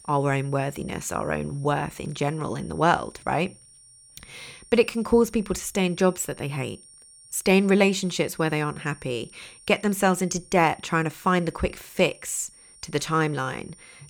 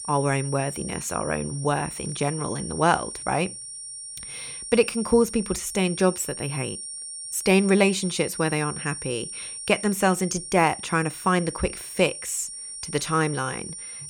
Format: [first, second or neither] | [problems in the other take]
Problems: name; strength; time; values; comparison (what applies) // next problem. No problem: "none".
first | high-pitched whine; loud; throughout; 9 kHz, 9 dB below the speech; faint in the first